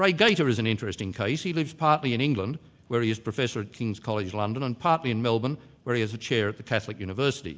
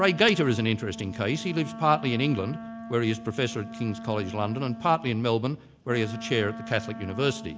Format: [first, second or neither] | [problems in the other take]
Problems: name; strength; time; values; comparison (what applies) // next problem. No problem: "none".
first | background sound (Wind instrument, woodwind instrument); 13 dB below the speech